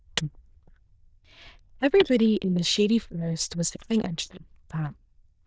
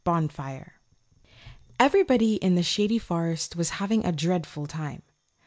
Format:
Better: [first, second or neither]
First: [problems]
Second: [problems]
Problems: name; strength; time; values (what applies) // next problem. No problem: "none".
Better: second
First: noise reduction (neural diffusion model UNIVERSE++)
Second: none